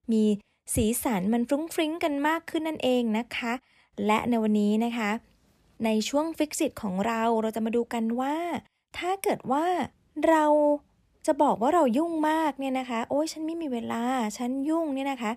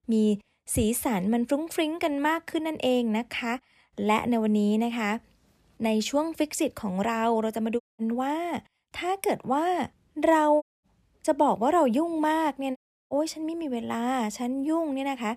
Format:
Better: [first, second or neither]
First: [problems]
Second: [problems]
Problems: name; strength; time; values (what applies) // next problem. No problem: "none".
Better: first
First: none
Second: audio cutting out; at 8 s, at 11 s and at 13 s